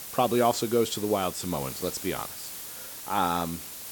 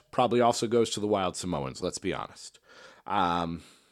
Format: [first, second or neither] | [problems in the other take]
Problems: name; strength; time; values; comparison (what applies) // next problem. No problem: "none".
second | hiss; loud; throughout; 9 dB below the speech